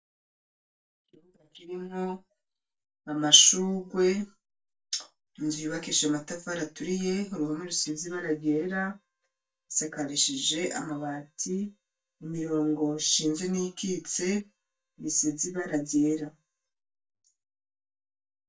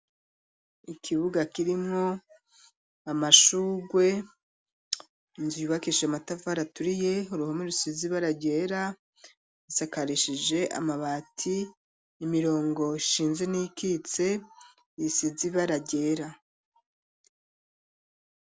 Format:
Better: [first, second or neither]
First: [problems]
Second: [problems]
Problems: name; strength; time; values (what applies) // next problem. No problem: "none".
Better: second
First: noise reduction (neural mask model DeepFilterNet 3)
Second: none